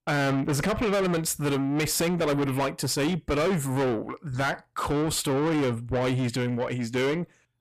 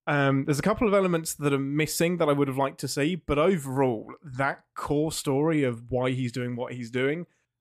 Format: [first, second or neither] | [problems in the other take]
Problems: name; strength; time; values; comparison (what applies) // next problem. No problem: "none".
second | distortion; heavy; 7 dB below the speech